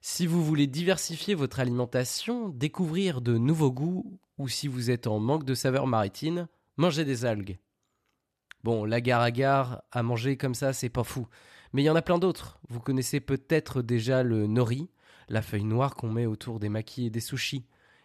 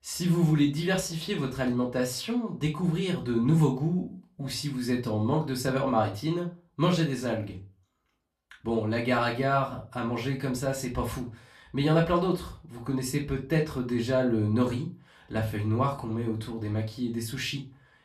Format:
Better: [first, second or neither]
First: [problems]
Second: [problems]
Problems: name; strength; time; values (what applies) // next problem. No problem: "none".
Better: first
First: none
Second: off-mic speech; far // room echo; very slight; dies away in 0.2 s